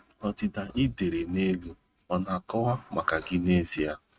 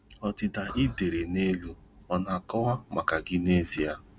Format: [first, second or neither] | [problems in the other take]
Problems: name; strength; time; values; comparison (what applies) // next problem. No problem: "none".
second | noise reduction (neural mask model RNNoise)